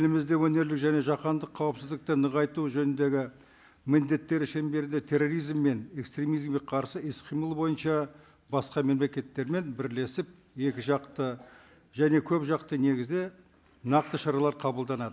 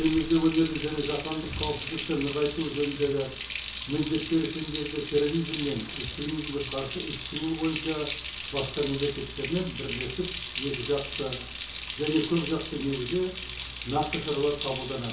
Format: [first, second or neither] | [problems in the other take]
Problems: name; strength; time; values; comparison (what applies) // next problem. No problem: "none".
first | background sound (Water tap, faucet); 7 dB below the speech // room echo; dies away in 0.6 s